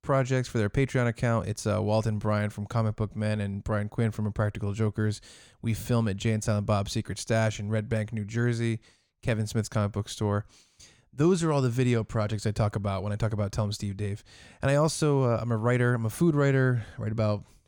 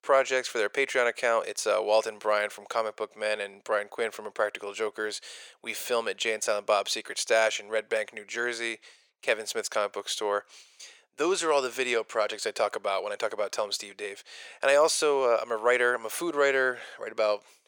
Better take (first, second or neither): first